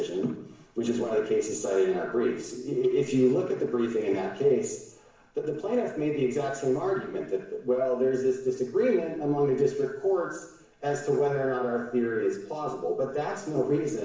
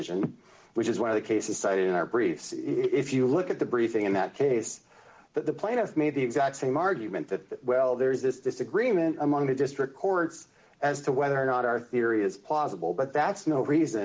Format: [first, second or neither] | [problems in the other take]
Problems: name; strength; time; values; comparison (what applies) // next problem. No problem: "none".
second | room echo; dies away in 0.7 s